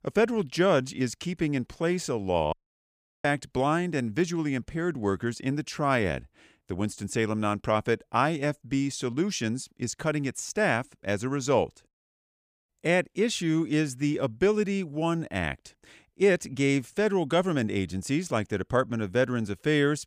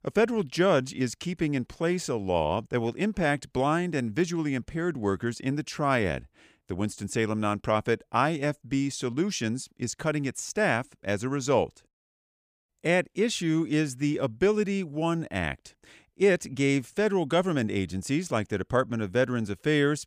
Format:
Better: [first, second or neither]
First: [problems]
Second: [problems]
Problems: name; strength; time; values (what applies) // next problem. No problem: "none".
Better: second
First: audio cutting out; at 2.5 s for 0.5 s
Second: none